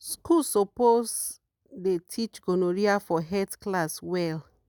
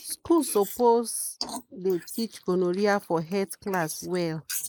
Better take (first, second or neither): first